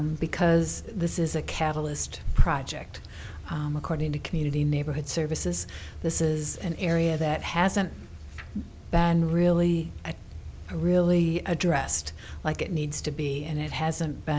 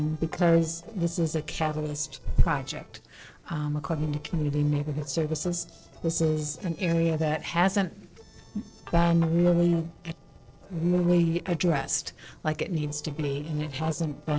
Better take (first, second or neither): first